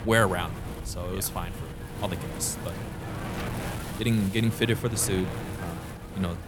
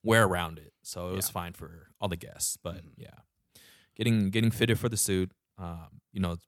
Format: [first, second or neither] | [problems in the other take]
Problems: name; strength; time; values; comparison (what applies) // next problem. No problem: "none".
second | wind noise on the microphone; heavy; 8 dB below the speech